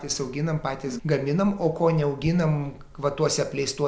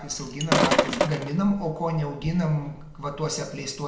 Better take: first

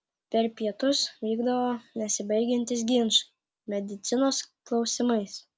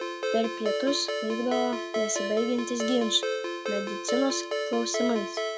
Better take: first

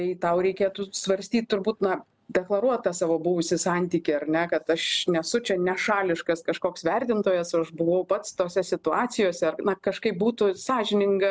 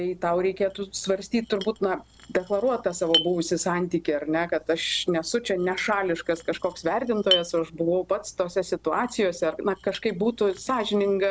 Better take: first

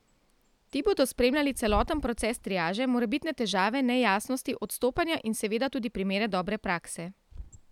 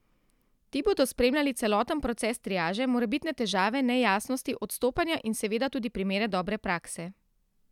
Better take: second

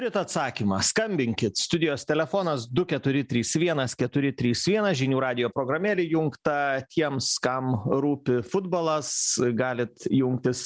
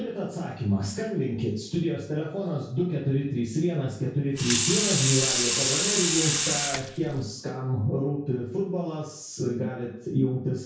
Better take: first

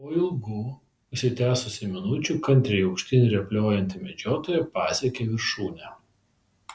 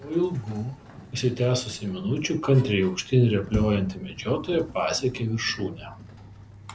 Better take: first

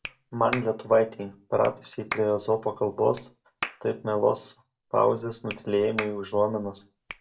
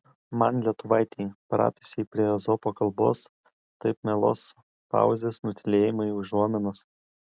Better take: second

